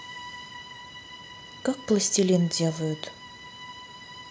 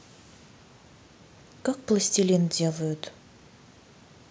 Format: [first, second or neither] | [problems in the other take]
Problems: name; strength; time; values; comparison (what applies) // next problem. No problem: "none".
second | background sound (Bowed string instrument); 15 dB below the speech